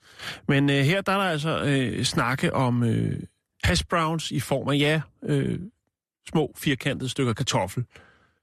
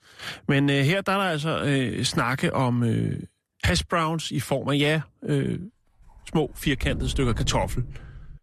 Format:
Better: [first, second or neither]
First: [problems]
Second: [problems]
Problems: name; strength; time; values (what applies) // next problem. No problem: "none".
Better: first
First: none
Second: dog barking; noticeable; from 6.5 s on; peak 6 dB below the speech